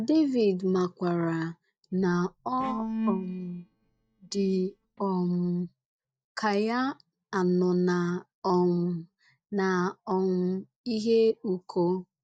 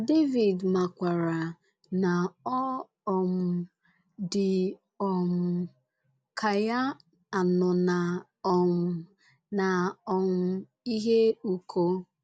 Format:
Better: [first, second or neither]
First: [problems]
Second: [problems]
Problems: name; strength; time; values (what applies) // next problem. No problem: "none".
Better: second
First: noise reduction (neural mask model DeepFilterNet 3)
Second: none